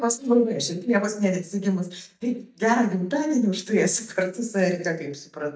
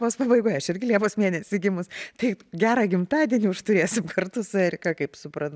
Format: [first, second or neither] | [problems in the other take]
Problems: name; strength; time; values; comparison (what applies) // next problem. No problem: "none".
second | noise reduction (neural mask model DeepFilterNet 3)